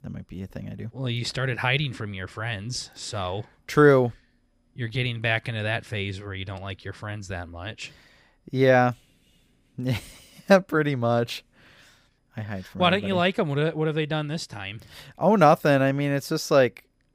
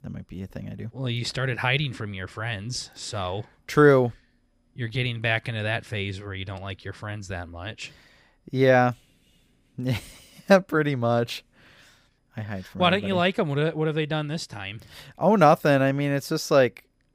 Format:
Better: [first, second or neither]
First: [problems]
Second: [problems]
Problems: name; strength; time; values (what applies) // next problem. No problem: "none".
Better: neither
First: none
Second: none